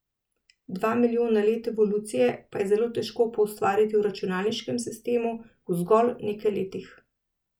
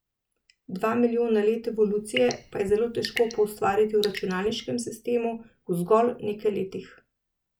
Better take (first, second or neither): first